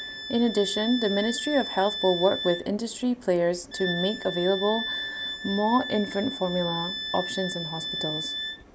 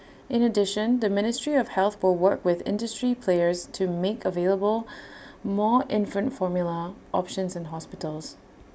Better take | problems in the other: second | background sound (Wind instrument, woodwind instrument); 7 dB below the speech

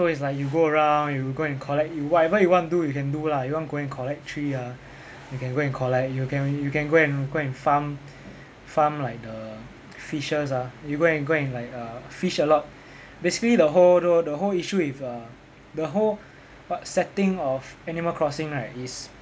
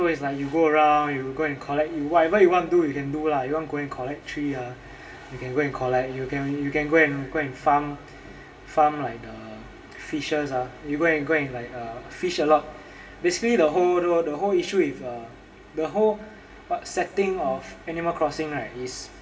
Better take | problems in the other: first | room echo; dies away in 1.9 s

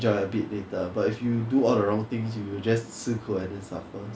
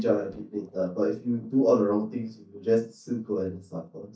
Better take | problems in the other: first | noise reduction (neural mask model DeepFilterNet 3)

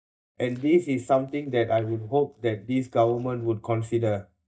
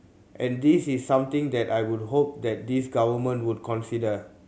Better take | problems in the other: second | noise reduction (neural mask model DeepFilterNet 3)

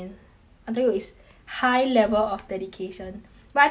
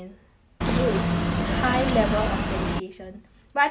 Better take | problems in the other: first | background sound (Boat, Water vehicle); 4 dB above the speech

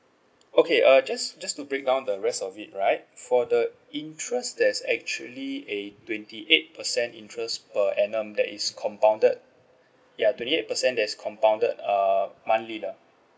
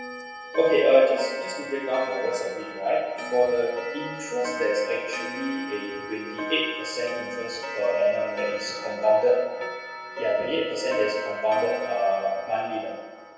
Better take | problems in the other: first | background sound (Clock); 10 dB below the speech // room echo; dies away in 1.2 s

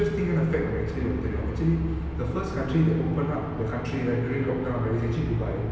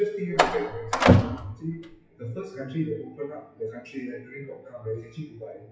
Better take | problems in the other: first | noise reduction (classical method WPE with log-MMSE)

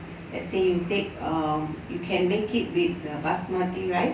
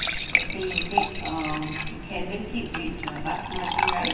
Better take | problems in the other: first | background sound (Fill (with liquid) / Trickle, dribble / Glass); 3 dB above the speech // room echo; dies away in 2.6 s

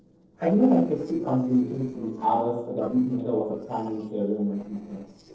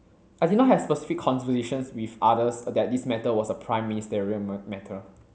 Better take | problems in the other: second | noise reduction (neural separator model SepFormer DNS4)

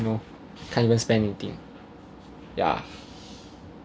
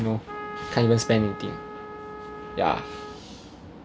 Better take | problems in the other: first | background sound (Trumpet); 11 dB below the speech

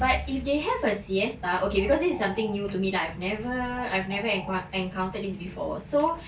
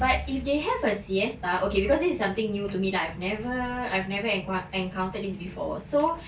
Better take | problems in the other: second | background sound (Bird); 17 dB below the speech

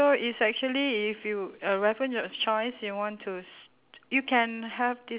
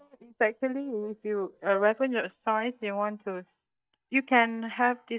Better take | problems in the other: first | noise reduction (neural mask model DeepFilterNet 3)

